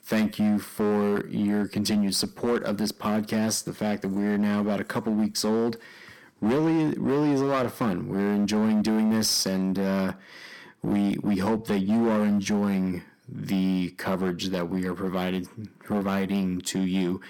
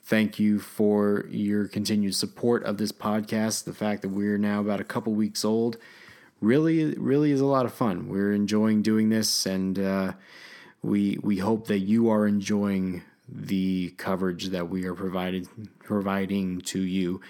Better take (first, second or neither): second